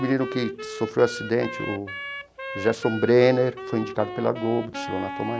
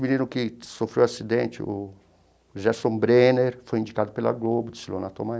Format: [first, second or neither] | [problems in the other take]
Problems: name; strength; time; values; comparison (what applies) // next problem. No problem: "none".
second | background sound (Wind instrument, woodwind instrument); 10 dB below the speech